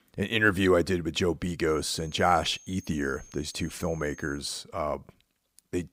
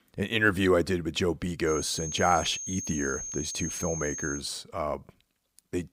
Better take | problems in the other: first | high-pitched whine; loud; from 1.5 to 4.5 s; 6.5 kHz, 6 dB below the speech; faint in the first

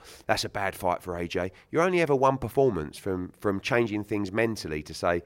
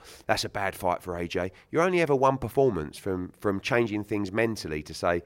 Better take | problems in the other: neither | none

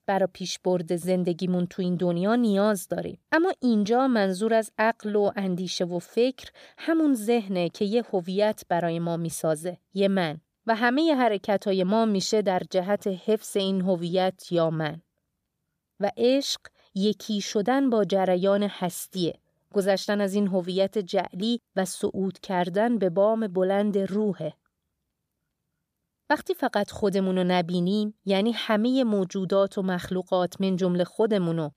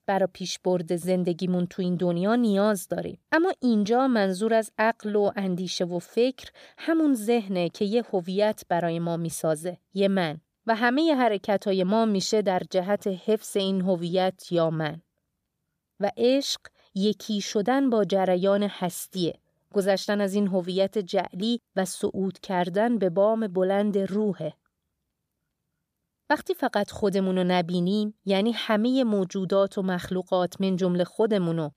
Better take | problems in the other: neither | none

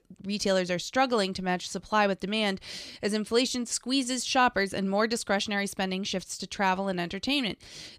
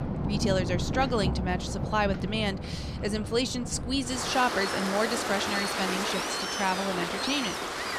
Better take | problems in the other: first | rain or running water; loud; throughout; 2 dB below the speech

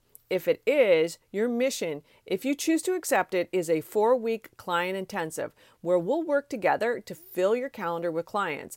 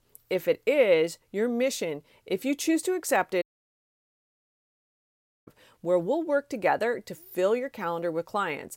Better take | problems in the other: first | audio cutting out; at 3.5 s for 2 s

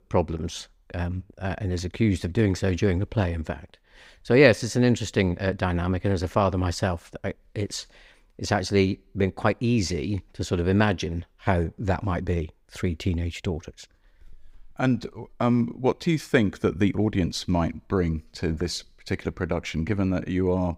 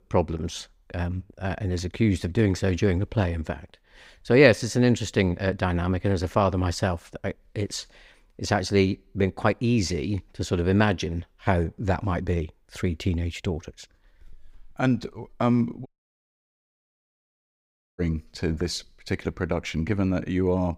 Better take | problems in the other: first | audio cutting out; at 16 s for 2 s

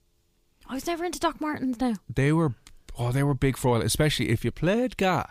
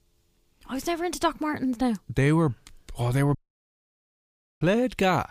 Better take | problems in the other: first | audio cutting out; at 3.5 s for 1.5 s

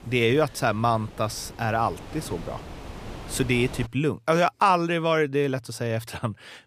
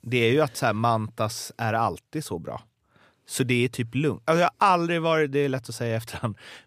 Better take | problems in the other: second | wind noise on the microphone; occasional gusts; until 4 s; 20 dB below the speech

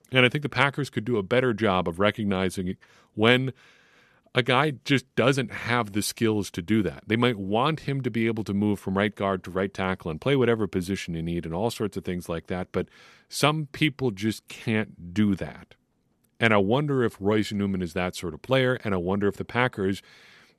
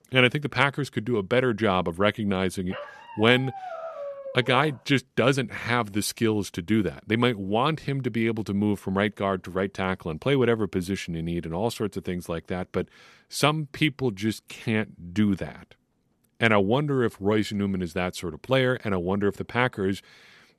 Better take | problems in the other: first | dog barking; faint; from 2.5 to 5 s; peak 10 dB below the speech

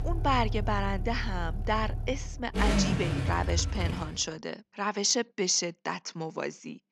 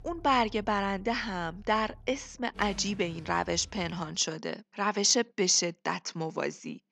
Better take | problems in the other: second | traffic noise; loud; until 4 s; 1 dB below the speech; faint in the second

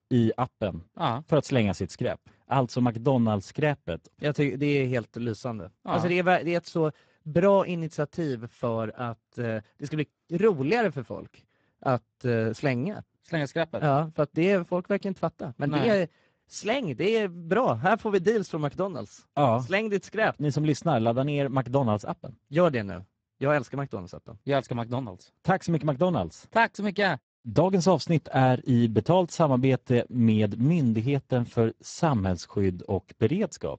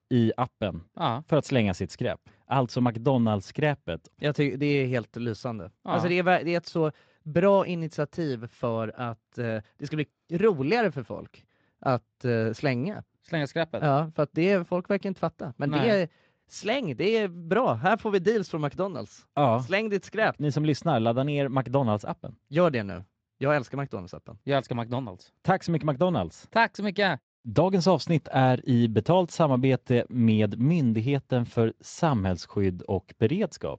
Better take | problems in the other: second | garbled, watery; badly; nothing above 7.5 kHz; slightly in the second

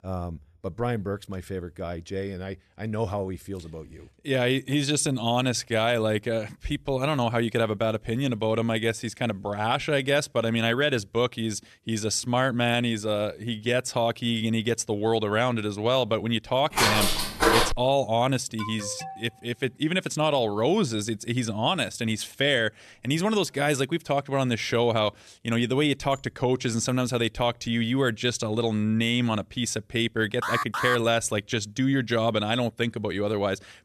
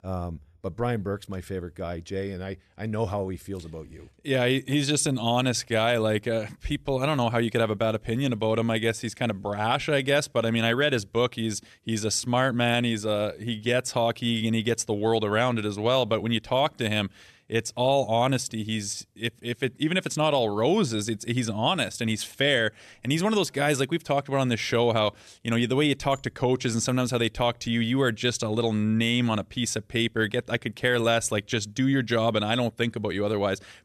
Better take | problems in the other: second | footsteps; loud; from 17 to 18 s; peak 5 dB above the speech // alarm; faint; at 19 s; peak 10 dB below the speech // alarm; noticeable; at 30 s; peak 2 dB below the speech

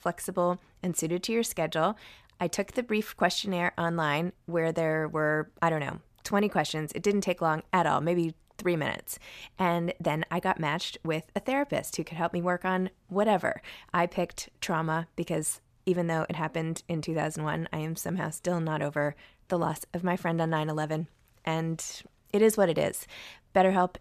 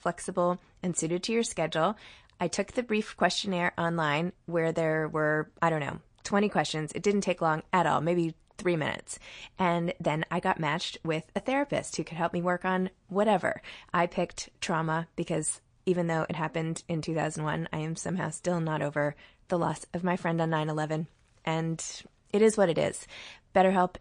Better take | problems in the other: first | garbled, watery; slightly; nothing above 9 kHz

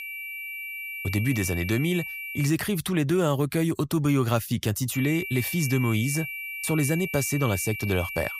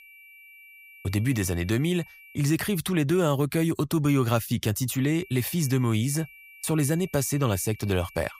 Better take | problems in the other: second | high-pitched whine; loud; until 2.5 s and from 5 s on; 2.5 kHz, 7 dB below the speech; faint in the second

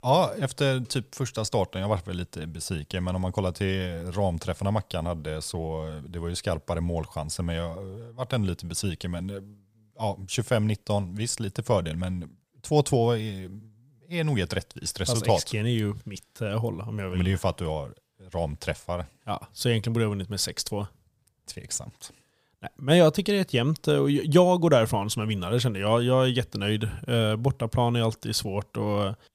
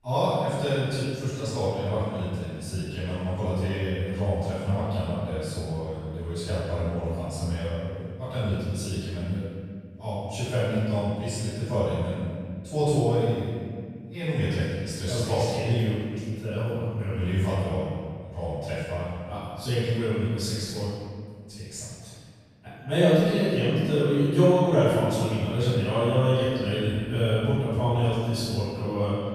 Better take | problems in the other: first | room echo; strong; dies away in 1.9 s // off-mic speech; far

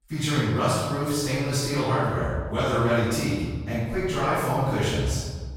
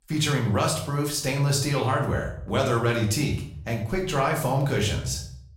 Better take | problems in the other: second | room echo; strong; dies away in 1.5 s; slight in the second // off-mic speech; far; far in the second

